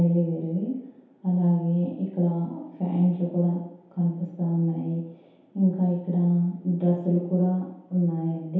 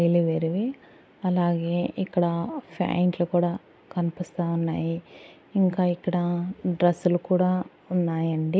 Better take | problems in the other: second | room echo; dies away in 0.8 s

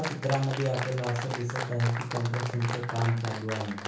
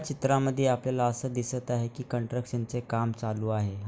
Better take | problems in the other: second | background sound (Applause); 7 dB below the speech // room echo; dies away in 1.2 s

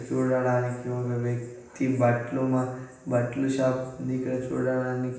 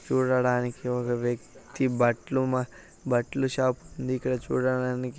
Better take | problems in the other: second | room echo; dies away in 0.9 s

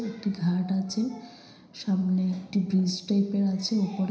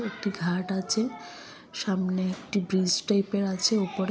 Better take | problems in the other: second | room echo; dies away in 0.9 s

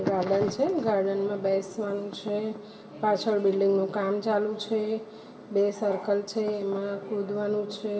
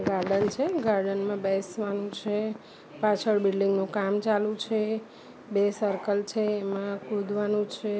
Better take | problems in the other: second | room echo; dies away in 1.6 s

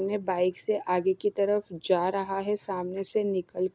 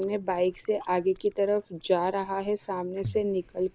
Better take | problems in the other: first | background sound (Chewing, mastication); 18 dB below the speech

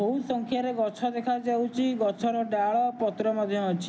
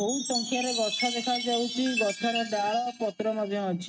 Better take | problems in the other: first | noise reduction (neural mask model RNNoise)

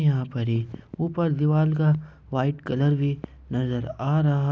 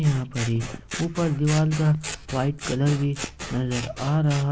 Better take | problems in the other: first | background sound (Scissors); 12 dB below the speech

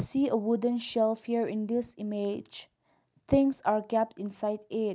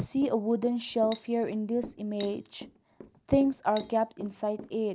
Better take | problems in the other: first | background sound (Cutlery, silverware + Walk, footsteps / Run); 17 dB below the speech

